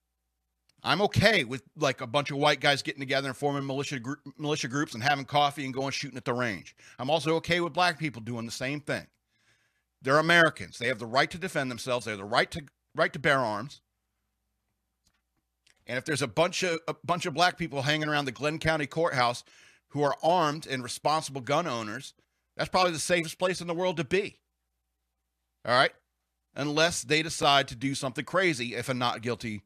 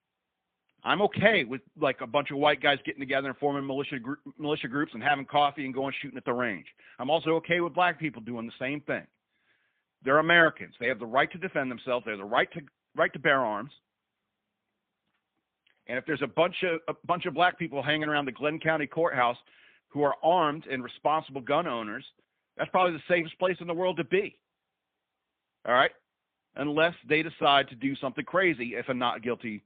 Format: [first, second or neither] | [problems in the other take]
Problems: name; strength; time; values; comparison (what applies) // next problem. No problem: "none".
first | phone-call audio; poor line; nothing above 3 kHz